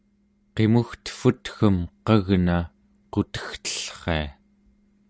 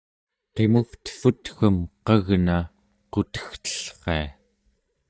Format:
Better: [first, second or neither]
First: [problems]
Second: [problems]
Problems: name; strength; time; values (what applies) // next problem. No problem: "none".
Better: first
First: none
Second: noise reduction (neural mask model DeepFilterNet 3)